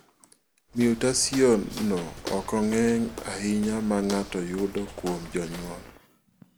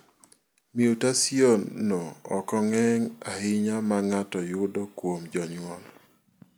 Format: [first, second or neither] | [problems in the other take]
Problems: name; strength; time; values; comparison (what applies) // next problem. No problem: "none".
second | background sound (Walk, footsteps); 15 dB below the speech